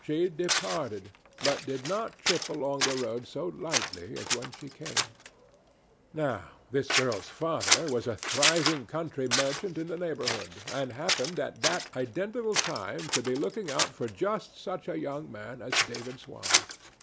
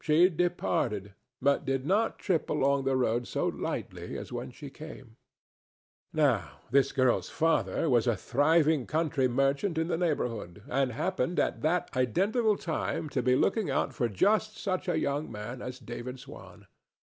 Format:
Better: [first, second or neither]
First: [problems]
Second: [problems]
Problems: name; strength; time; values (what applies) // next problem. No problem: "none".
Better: second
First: background sound (Scissors); as loud as the speech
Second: none